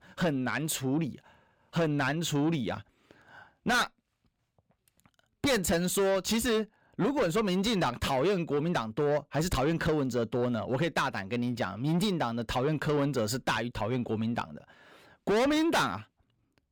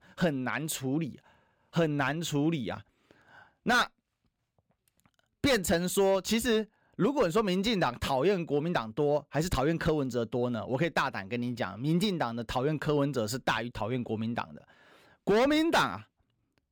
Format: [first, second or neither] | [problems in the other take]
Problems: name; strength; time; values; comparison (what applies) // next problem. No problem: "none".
second | distortion; slight; 10 dB below the speech